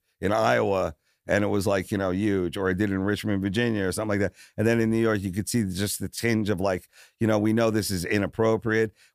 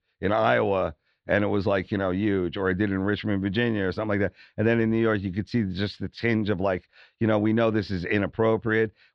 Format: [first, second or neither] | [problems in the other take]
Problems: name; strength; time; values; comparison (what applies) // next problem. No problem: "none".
first | muffled; slightly; fading above 4 kHz